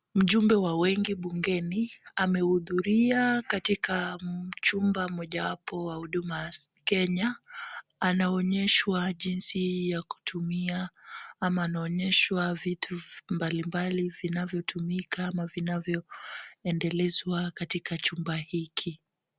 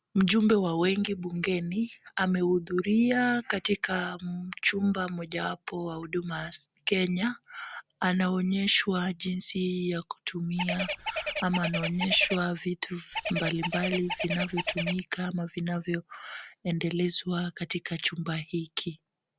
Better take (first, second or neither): first